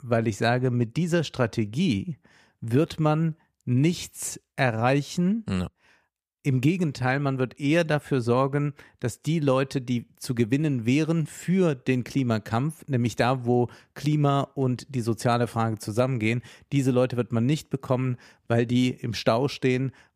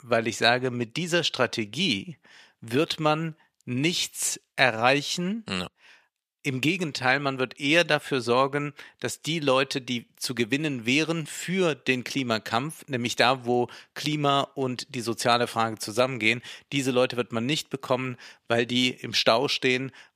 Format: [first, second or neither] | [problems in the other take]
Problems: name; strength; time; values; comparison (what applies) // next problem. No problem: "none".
first | thin; somewhat; fading below 1 kHz